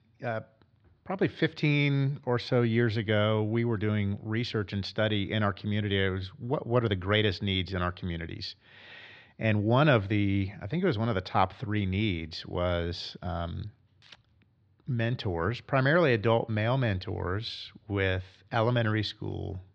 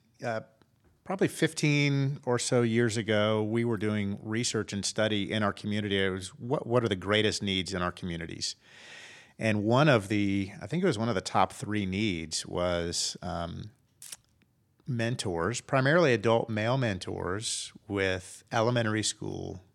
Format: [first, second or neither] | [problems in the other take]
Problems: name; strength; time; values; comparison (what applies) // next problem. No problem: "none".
second | muffled; very slightly; fading above 4 kHz